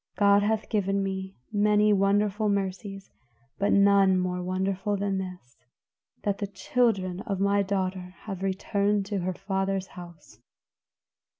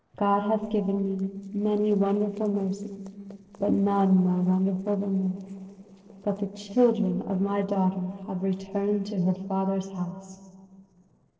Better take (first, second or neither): first